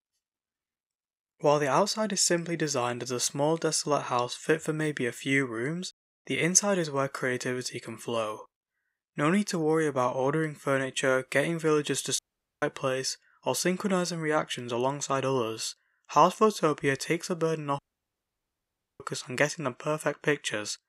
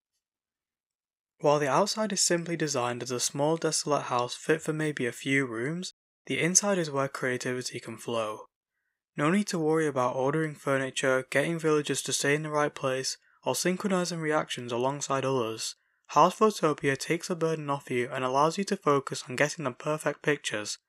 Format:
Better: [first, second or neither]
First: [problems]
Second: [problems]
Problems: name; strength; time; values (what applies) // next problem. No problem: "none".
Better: second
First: audio cutting out; at 12 s and at 18 s for 1 s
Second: none